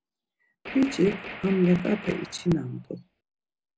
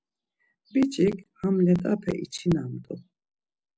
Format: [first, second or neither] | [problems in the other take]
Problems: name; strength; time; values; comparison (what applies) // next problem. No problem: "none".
second | background sound (Gunshot, gunfire); 13 dB below the speech